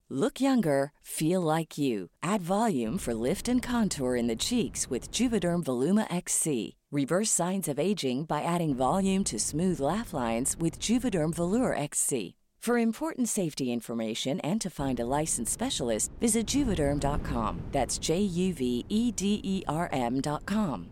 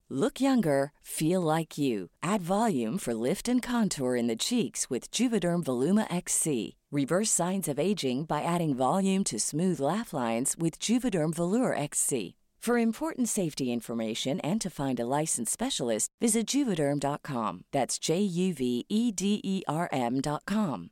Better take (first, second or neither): second